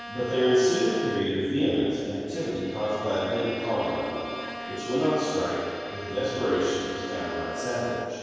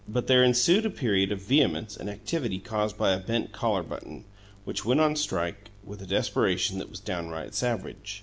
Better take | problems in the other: second | background sound (Bowed string instrument); 12 dB below the speech // room echo; dies away in 2.2 s

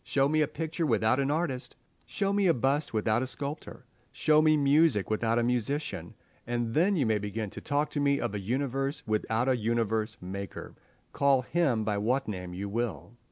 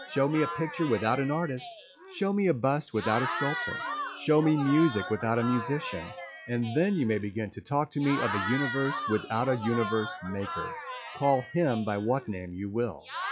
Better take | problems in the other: first | noise reduction (classical method log-MMSE)

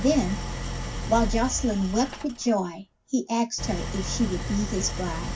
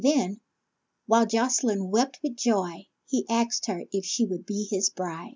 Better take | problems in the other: second | background sound (Idling); 5 dB below the speech // room echo; dies away in 0.4 s

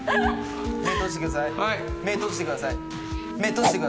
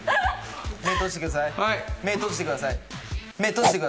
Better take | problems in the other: second | background sound (Piano + Wind instrument, woodwind instrument); 4 dB below the speech

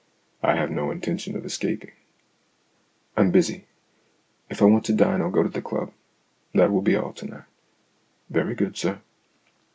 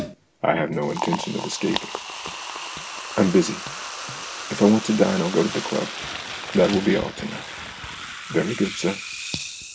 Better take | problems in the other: first | background sound (Liquid); 8 dB below the speech

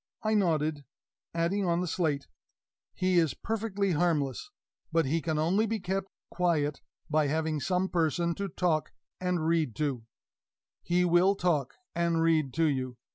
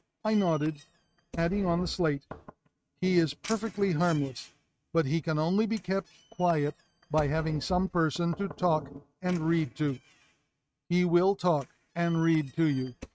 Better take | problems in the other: first | noise reduction (neural mask model RNNoise)

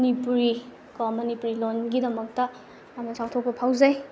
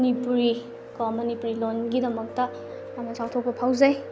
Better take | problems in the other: first | background sound (Piano); 13 dB below the speech

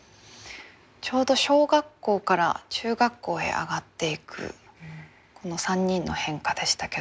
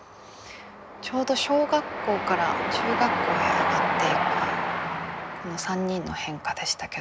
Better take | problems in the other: first | background sound (Train); 1 dB above the speech

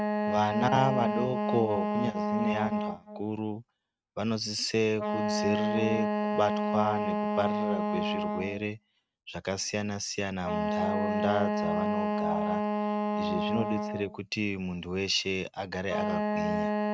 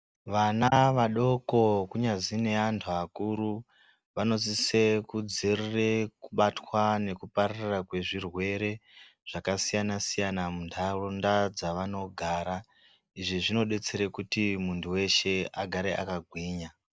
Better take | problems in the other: second | noise reduction (neural mask model RNNoise)

